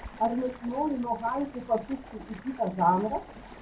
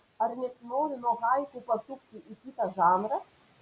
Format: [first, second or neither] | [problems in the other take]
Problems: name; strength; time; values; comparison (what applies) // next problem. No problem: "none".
second | background sound (Stream); 17 dB below the speech // room echo; dies away in 0.3 s